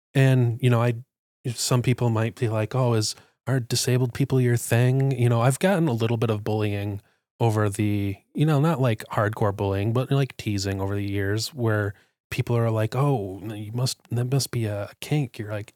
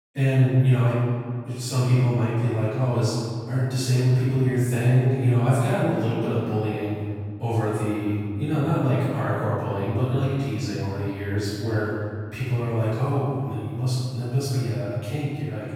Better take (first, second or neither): first